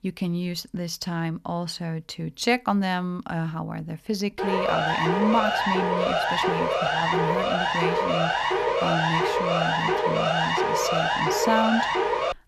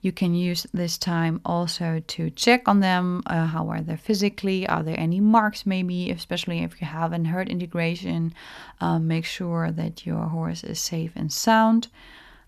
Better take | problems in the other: second | siren; loud; from 4.5 s on; peak 5 dB above the speech

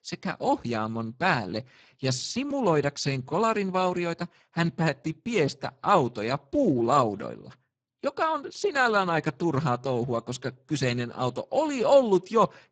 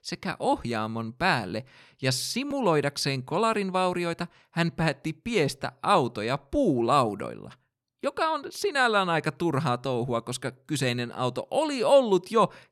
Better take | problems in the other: second | garbled, watery; badly; nothing above 7.5 kHz

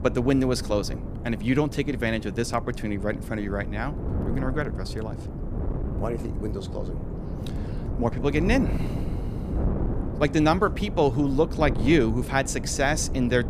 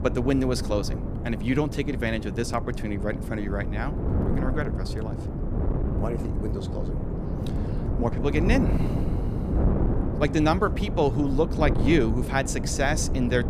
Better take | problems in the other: first | wind noise on the microphone; heavy; 8 dB below the speech; occasional gusts in the first

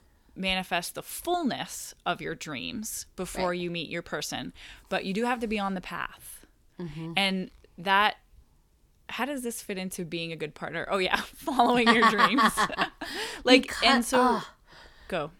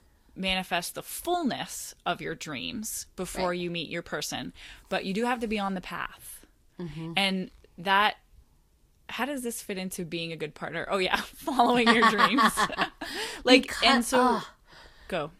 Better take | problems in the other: first | garbled, watery; slightly

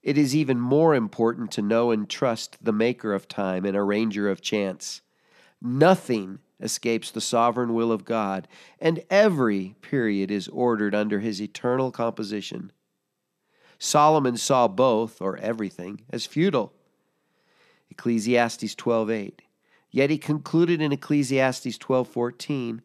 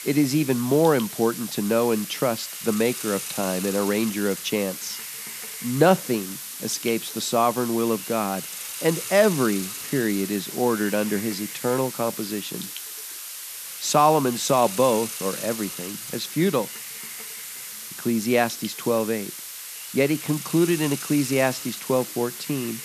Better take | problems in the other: first | hiss; loud; throughout; 8 dB below the speech

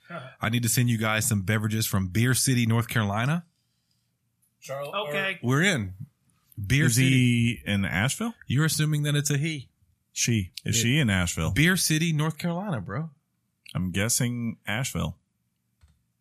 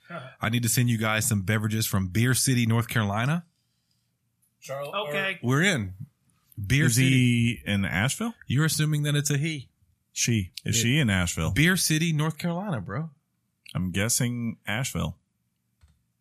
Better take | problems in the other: neither | none

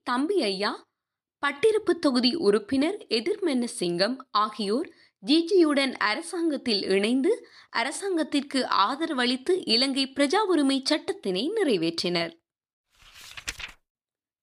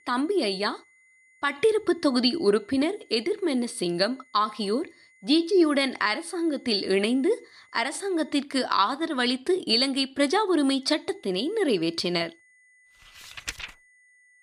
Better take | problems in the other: first | high-pitched whine; faint; until 8.5 s and from 11 s on; 2 kHz, 30 dB below the speech

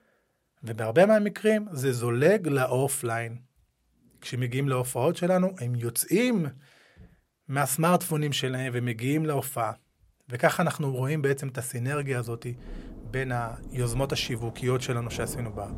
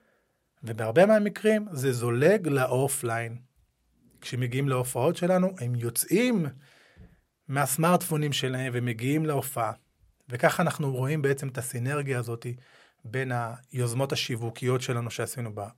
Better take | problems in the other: second | rain or running water; noticeable; from 12 s on; 15 dB below the speech

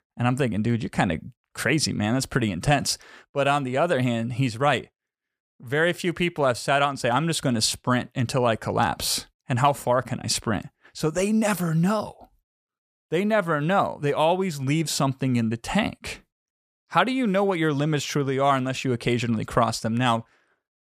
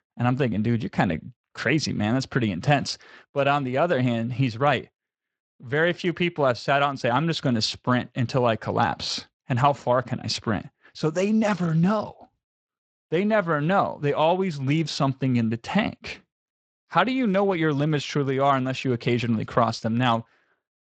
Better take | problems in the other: first | garbled, watery; slightly; nothing above 8 kHz

